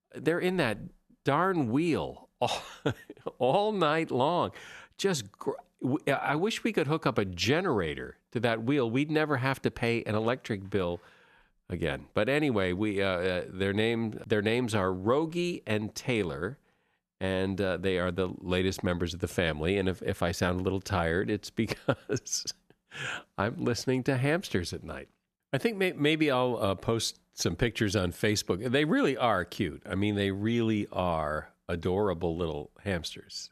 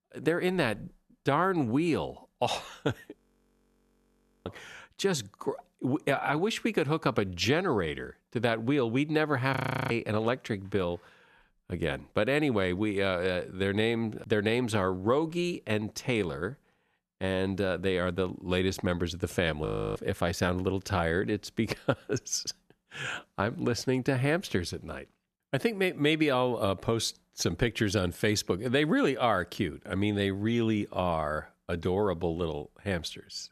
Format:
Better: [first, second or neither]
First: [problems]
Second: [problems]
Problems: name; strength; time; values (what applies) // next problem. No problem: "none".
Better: first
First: none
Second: audio freezing; at 3 s for 1.5 s, at 9.5 s and at 20 s